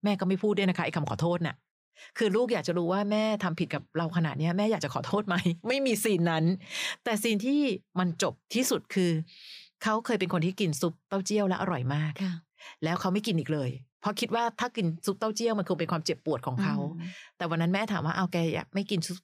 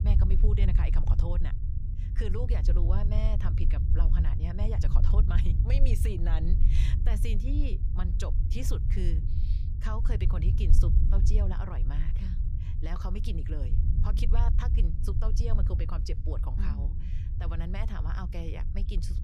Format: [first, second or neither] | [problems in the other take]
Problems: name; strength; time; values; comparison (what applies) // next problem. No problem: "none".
first | low rumble; loud; throughout; 4 dB below the speech